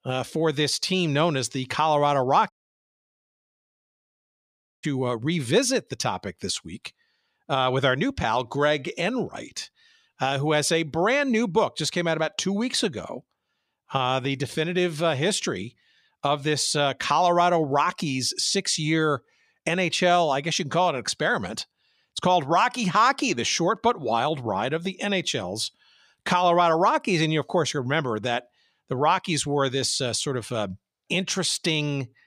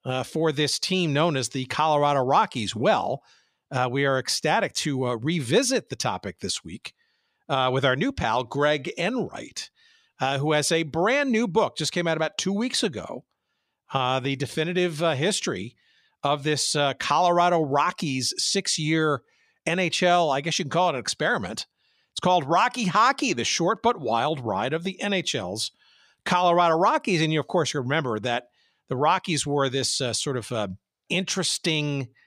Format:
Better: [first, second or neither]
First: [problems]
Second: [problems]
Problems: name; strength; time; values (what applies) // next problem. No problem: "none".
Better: second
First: audio cutting out; at 2.5 s for 2.5 s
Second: none